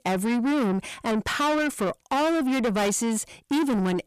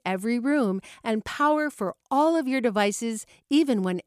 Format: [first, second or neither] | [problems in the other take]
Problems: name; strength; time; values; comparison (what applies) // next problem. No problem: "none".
second | distortion; heavy; 6 dB below the speech